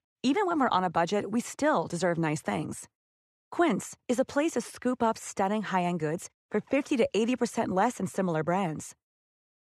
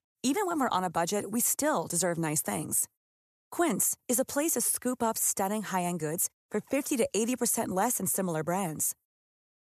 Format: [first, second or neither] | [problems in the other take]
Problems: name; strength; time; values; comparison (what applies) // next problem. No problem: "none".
second | muffled; slightly; fading above 3 kHz